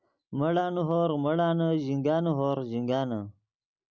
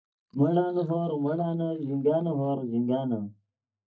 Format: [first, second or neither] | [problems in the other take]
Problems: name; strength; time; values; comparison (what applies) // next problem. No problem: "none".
first | noise reduction (neural mask model DeepFilterNet 3)